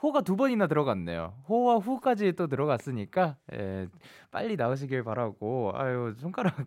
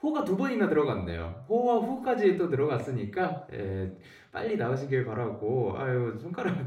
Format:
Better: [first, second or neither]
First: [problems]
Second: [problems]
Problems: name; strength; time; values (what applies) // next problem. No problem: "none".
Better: first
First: none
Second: room echo; slight; dies away in 0.5 s // off-mic speech; somewhat distant